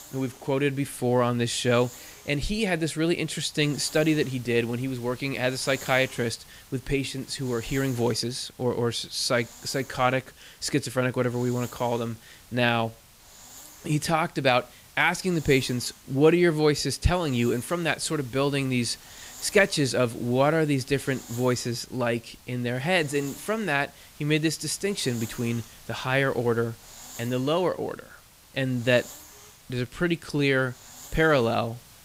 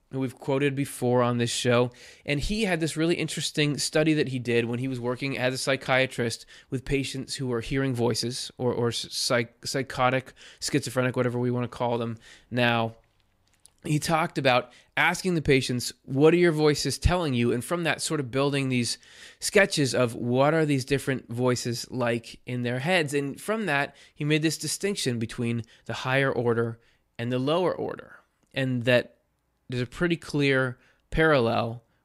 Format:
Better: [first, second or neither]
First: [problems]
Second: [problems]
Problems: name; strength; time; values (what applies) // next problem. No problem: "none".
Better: second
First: hiss; noticeable; throughout; 20 dB below the speech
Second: none